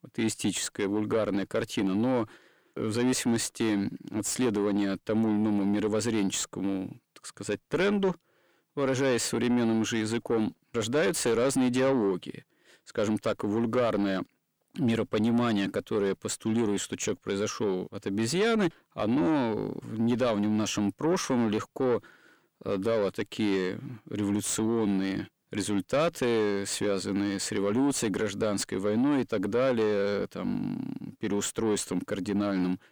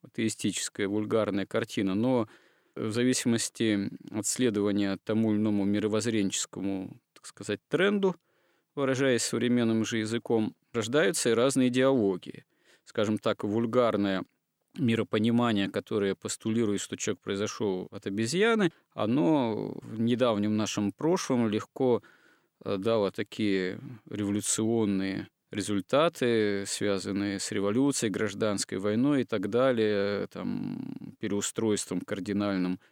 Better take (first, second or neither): second